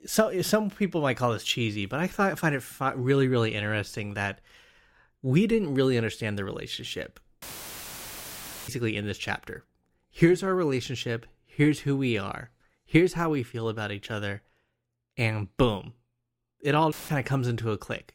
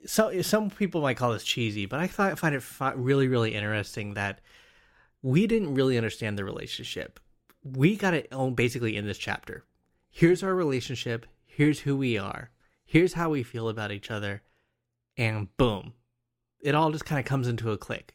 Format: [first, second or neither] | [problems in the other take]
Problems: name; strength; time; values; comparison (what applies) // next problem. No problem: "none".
second | audio cutting out; filled with static; at 7.5 s for 1.5 s and at 17 s